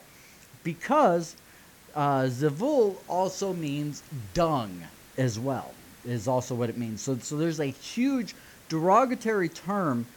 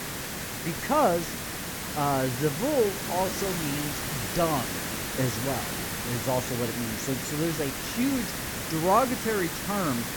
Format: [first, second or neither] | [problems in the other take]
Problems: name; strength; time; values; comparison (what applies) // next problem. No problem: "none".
first | hiss; loud; throughout; 3 dB below the speech; faint in the first